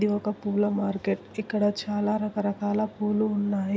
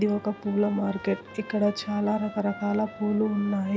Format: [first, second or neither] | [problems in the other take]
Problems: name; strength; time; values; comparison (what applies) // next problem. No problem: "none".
first | background sound (Trumpet); 19 dB below the speech